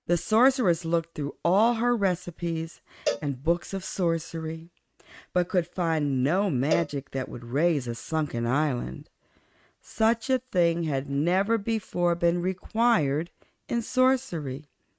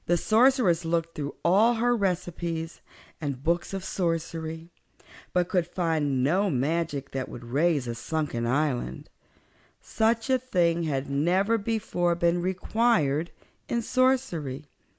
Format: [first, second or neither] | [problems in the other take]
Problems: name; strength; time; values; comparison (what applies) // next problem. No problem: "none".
second | noise reduction (neural mask model RNNoise)